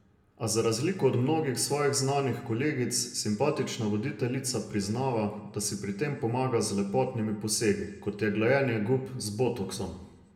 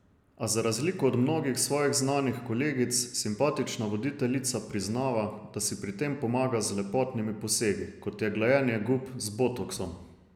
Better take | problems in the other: second | room echo; dies away in 0.5 s

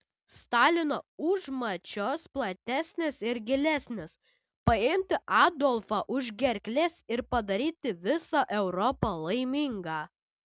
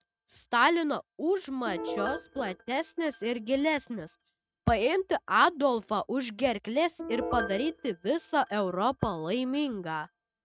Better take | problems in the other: first | noise reduction (neural mask model RNNoise)

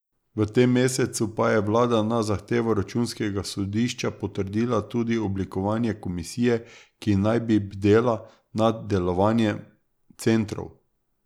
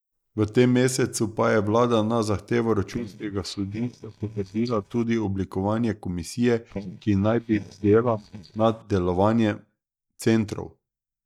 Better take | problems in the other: first | noise reduction (neural mask model DeepFilterNet 3)

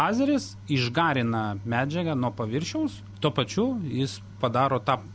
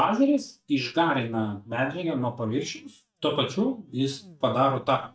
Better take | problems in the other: first | noise reduction (neural mask model DeepFilterNet 3)

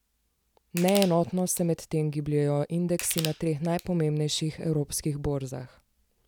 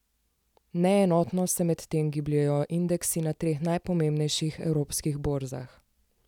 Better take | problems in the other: second | background sound (Crushing); 12 dB below the speech

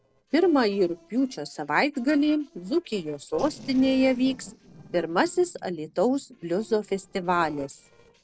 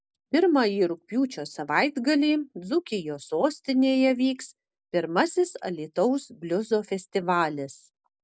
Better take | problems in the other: second | noise reduction (neural separator model SepFormer DNS4)

